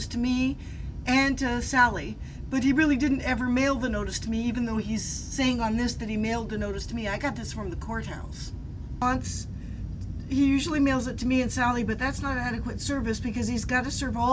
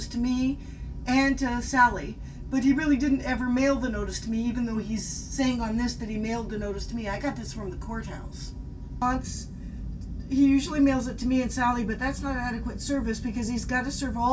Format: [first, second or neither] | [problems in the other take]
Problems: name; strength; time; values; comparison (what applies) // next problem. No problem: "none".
first | room echo; dies away in 0.2 s